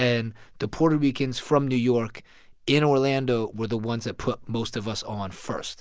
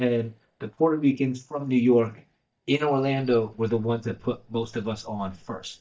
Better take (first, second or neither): first